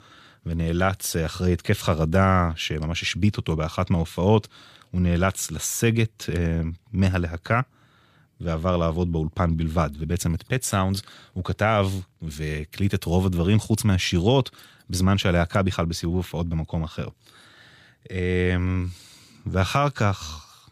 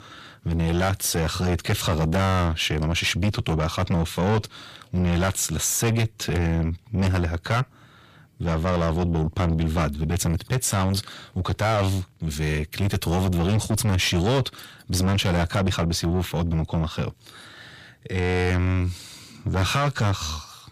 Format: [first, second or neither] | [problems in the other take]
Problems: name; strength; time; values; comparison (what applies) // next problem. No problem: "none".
first | distortion; heavy; 7 dB below the speech